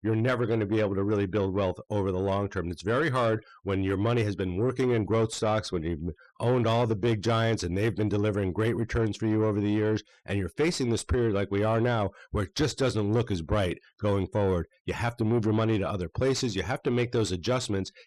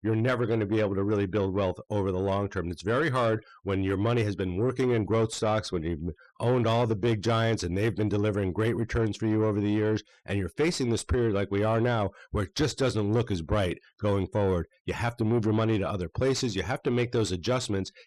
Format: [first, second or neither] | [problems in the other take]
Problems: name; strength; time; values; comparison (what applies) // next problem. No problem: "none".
neither | distortion; slight; 10 dB below the speech; the same in both